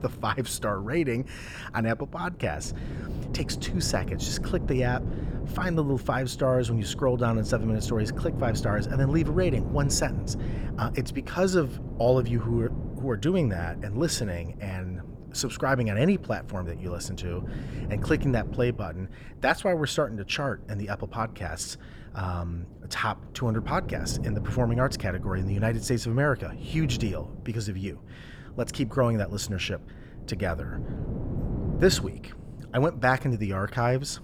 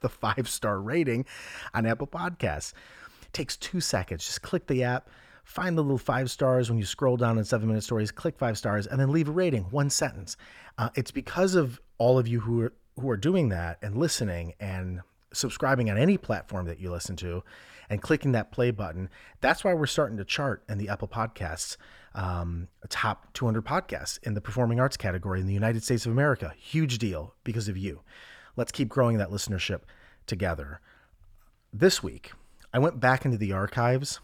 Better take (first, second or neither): second